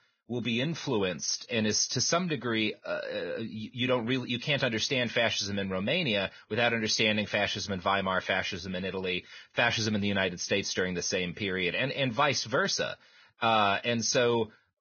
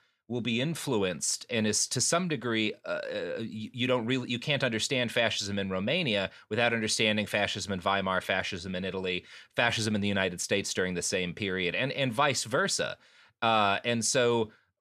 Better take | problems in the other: second | garbled, watery; badly; nothing above 6.5 kHz

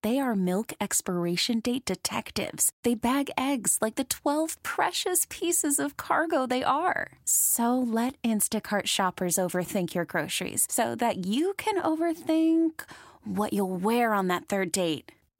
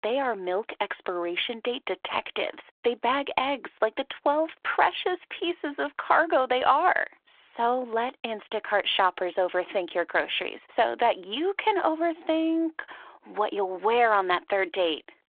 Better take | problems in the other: first | phone-call audio

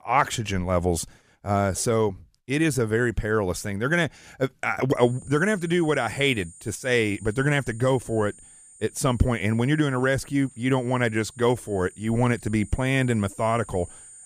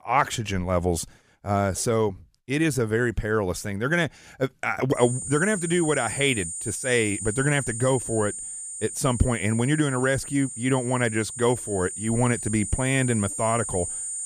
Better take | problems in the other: first | high-pitched whine; loud; from 5 s on; 9 kHz, 6 dB below the speech; faint in the first

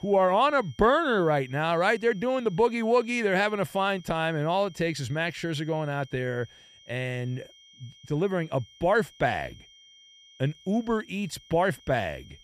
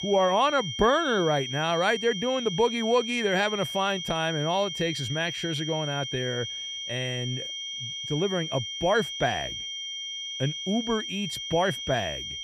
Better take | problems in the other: first | high-pitched whine; loud; throughout; 3 kHz, 5 dB below the speech; faint in the first

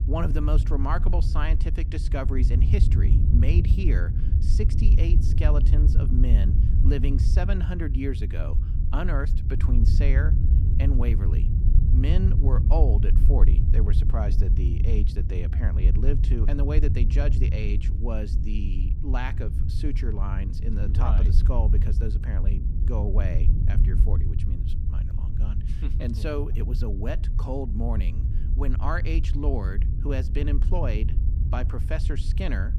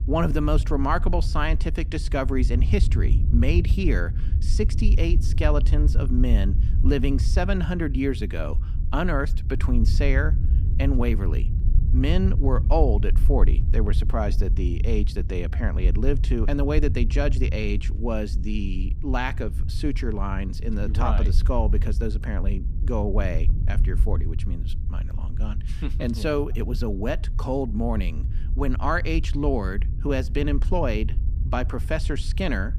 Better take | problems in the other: second | wind noise on the microphone; heavy; 5 dB below the speech; occasional gusts in the second

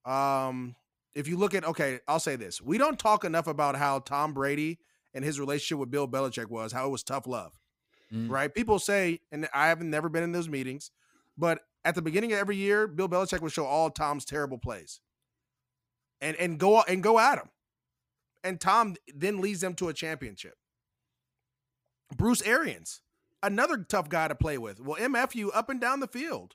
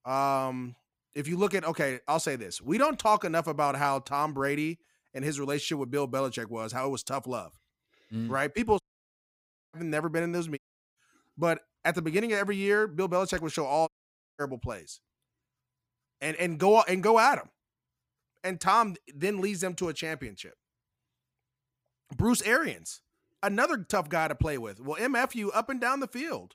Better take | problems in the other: first | audio cutting out; at 9 s for 1 s, at 11 s and at 14 s for 0.5 s

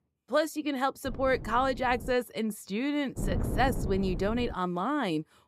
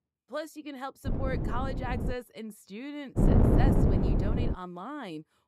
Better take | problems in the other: first | wind noise on the microphone; heavy; from 1 to 2 s and from 3 to 4.5 s; 4 dB above the speech; occasional gusts in the first

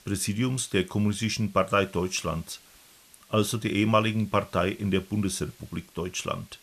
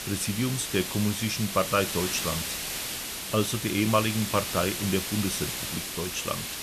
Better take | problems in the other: first | hiss; loud; throughout; 3 dB below the speech; faint in the first

